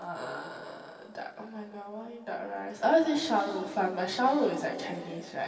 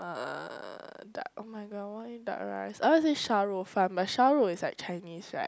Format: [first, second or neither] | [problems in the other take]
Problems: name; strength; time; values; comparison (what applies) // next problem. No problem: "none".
second | room echo; dies away in 2.5 s